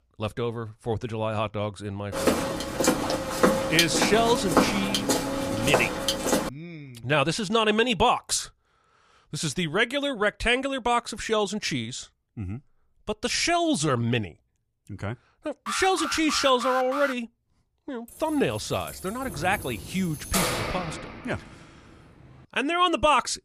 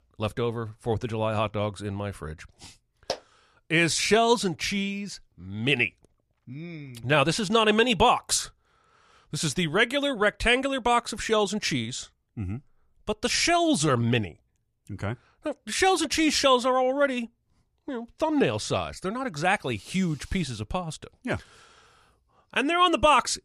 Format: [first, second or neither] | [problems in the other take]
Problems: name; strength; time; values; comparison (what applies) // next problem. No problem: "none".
second | footsteps; loud; from 2 to 6.5 s; peak 3 dB above the speech // alarm; noticeable; from 16 to 17 s; peak 5 dB below the speech // jangling keys; loud; from 19 to 21 s; peak 1 dB above the speech